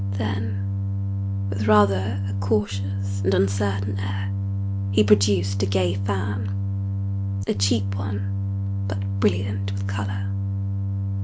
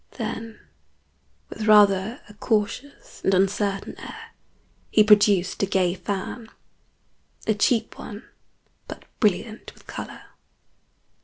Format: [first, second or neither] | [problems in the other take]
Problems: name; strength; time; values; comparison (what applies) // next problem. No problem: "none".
second | background sound (Organ); 2 dB above the speech